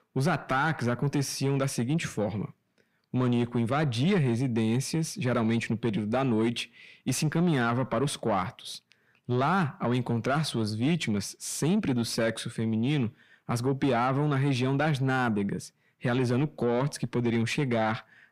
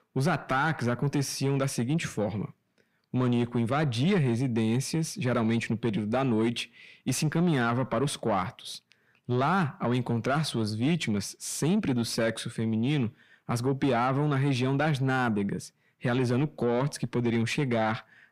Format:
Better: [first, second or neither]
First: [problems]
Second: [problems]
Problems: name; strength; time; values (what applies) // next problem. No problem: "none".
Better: neither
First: distortion; slight; 10 dB below the speech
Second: distortion; slight; 10 dB below the speech